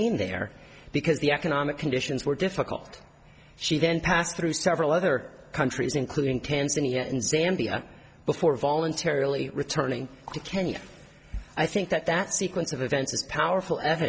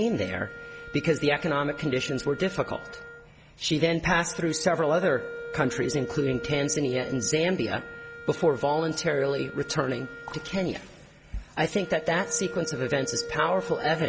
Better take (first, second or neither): first